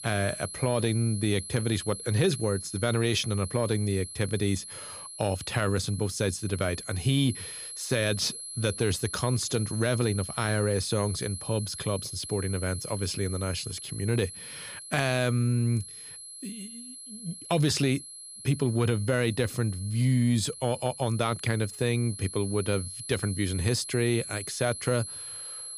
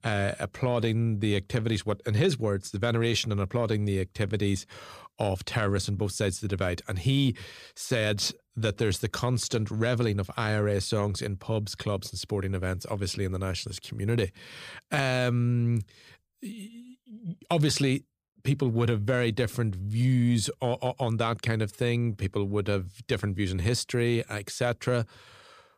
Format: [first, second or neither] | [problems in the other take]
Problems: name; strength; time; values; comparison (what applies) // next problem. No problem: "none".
second | high-pitched whine; loud; throughout; 11 kHz, 10 dB below the speech